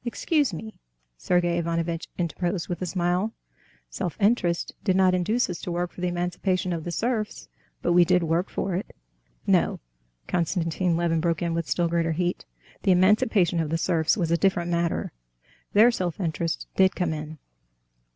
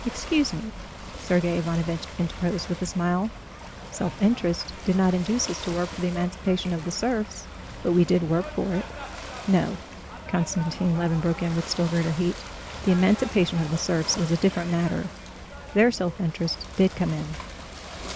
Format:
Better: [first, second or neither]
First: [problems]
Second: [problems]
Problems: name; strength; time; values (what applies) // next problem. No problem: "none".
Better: first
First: none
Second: background sound (Ocean / Boat, Water vehicle); 12 dB below the speech